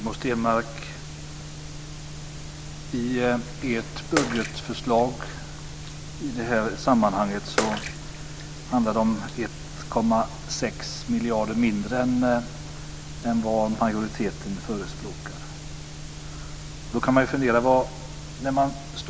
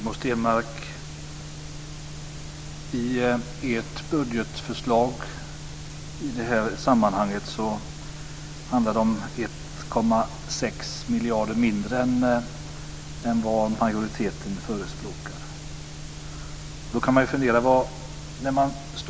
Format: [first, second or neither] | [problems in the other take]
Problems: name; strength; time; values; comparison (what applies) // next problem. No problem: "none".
second | background sound (Bathtub (filling or washing) / Water / Splash, splatter); 10 dB below the speech